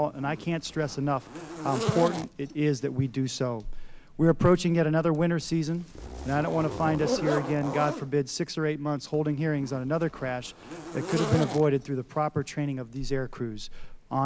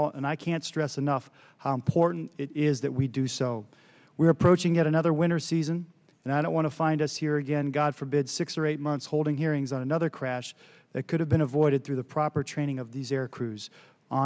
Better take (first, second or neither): second